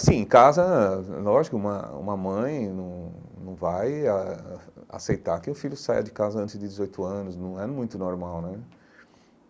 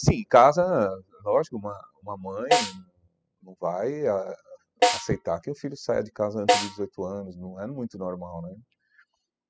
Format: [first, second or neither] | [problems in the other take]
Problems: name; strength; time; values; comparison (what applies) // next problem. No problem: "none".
first | noise reduction (classical method spectral subtraction)